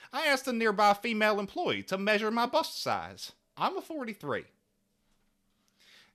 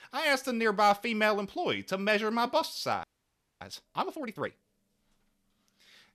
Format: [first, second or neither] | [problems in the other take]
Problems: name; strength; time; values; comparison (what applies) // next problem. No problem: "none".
first | audio freezing; at 3 s for 0.5 s